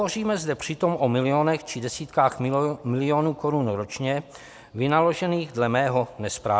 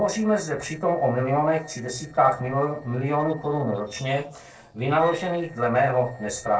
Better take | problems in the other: first | noise reduction (neural separator model SepFormer DNS4)

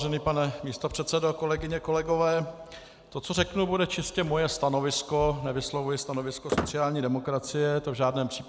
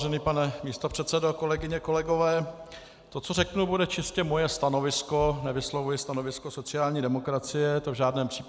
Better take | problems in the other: second | background sound (Squeak); 11 dB below the speech

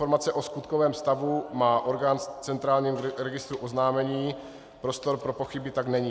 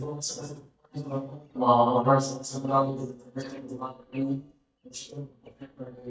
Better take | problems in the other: first | noise reduction (neural mask model DeepFilterNet 3)

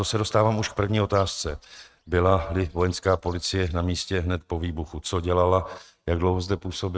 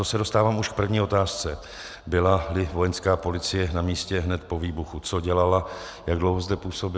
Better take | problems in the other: second | noise reduction (neural mask model RNNoise)

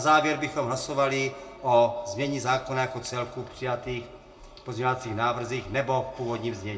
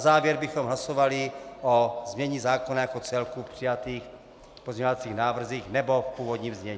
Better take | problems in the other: second | room echo; dies away in 0.2 s

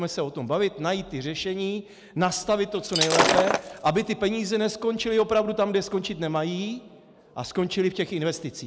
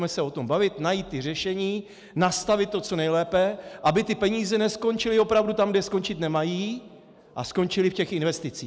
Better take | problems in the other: second | background sound (Shatter); 1 dB above the speech

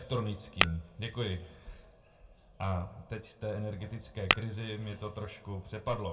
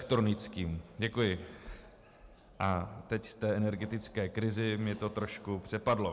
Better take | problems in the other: second | background sound (Tap / Glass); 5 dB above the speech // room echo; dies away in 0.2 s

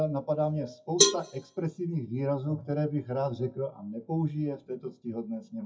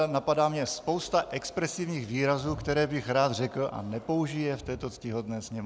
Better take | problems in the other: second | noise reduction (classical method WPE with log-MMSE)

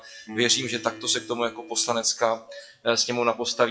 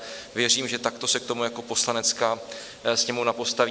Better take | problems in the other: second | noise reduction (classical method WPE with log-MMSE)

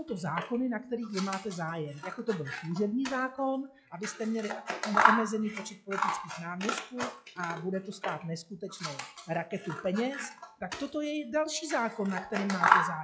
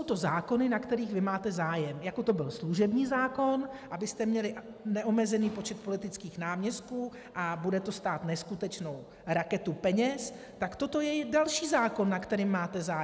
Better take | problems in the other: second | noise reduction (classical method log-MMSE)

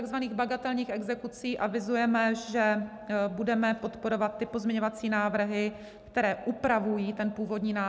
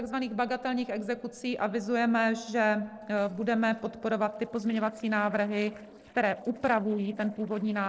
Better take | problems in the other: first | noise reduction (neural separator model SepFormer DNS4)

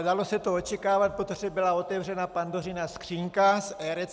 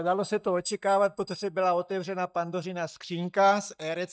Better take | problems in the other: first | noise reduction (neural mask model DeepFilterNet 3)

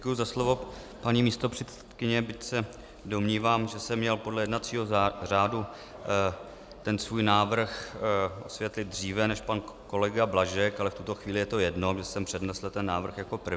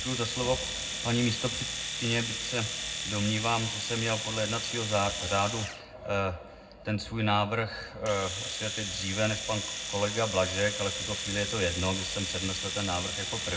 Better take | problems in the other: first | background sound (Domestic sounds, home sounds); 4 dB below the speech // room echo; dies away in 0.3 s

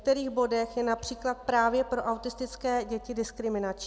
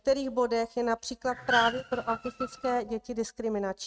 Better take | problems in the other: first | noise reduction (neural mask model RNNoise)

